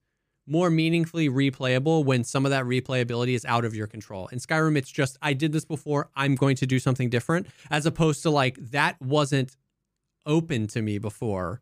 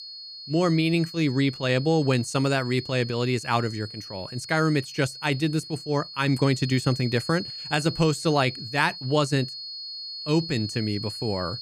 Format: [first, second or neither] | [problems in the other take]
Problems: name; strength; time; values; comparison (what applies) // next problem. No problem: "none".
first | high-pitched whine; noticeable; throughout; 4.5 kHz, 10 dB below the speech